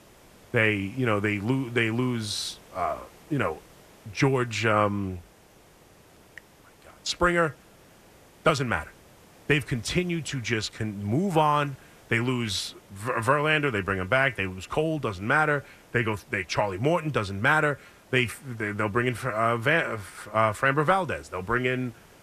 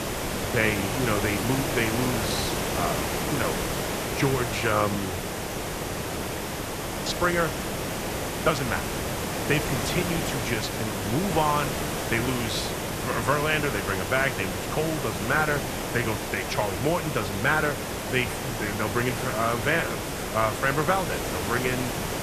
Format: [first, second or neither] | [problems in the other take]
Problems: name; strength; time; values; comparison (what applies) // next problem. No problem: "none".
first | hiss; loud; throughout; 2 dB below the speech; faint in the first